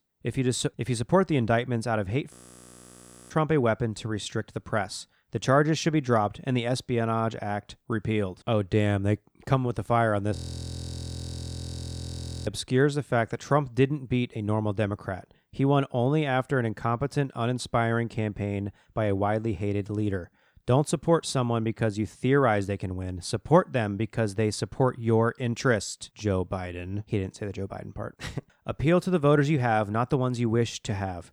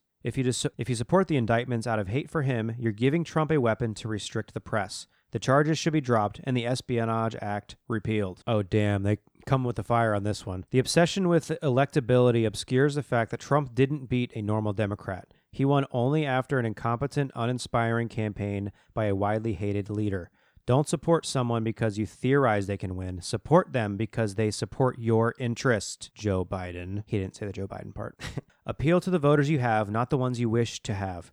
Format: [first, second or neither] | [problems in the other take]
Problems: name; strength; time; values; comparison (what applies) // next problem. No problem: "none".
second | audio freezing; at 2.5 s for 1 s and at 10 s for 2 s